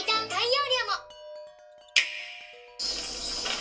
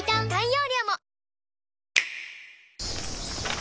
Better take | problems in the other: second | background sound (Wind chime); 19 dB below the speech // room echo; dies away in 0.2 s

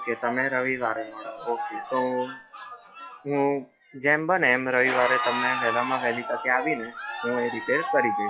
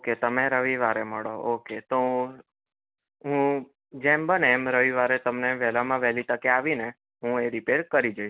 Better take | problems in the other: second | noise reduction (classical method log-MMSE)

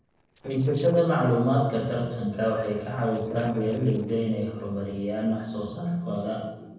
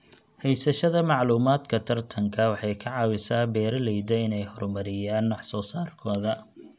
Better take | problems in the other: second | noise reduction (neural separator model SepFormer DNS4)

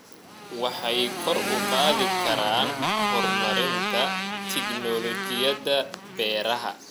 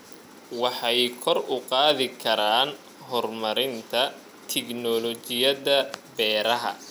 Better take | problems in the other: second | background sound (Motorcycle); 1 dB below the speech

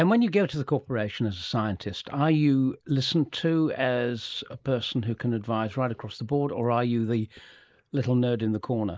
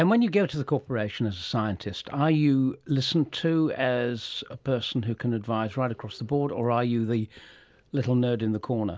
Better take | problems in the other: second | noise reduction (neural mask model Resemble Enhance denoiser)

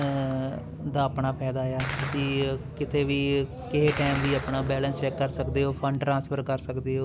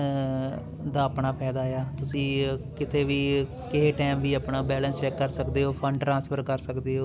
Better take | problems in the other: second | background sound (Gunshot, gunfire); 14 dB below the speech

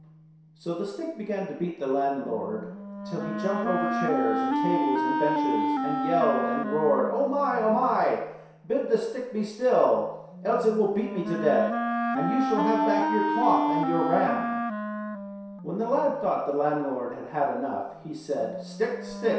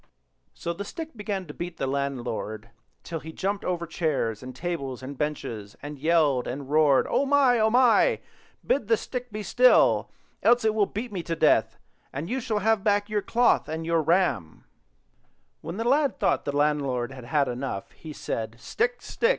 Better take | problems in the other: second | background sound (Wind instrument, woodwind instrument); 3 dB below the speech // room echo; dies away in 0.7 s

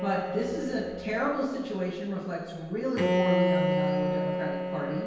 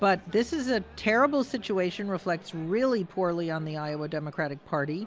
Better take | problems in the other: second | background sound (Bowed string instrument); 1 dB above the speech // room echo; dies away in 1.2 s

